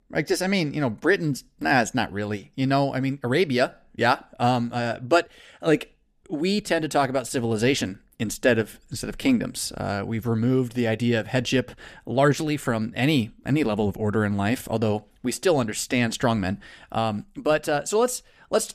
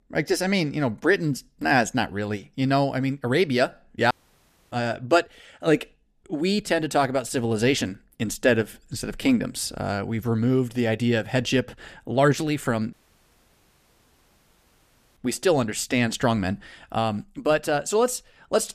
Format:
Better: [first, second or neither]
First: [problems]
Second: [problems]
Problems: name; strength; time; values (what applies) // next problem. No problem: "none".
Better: first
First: none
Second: audio cutting out; at 4 s for 0.5 s and at 13 s for 2 s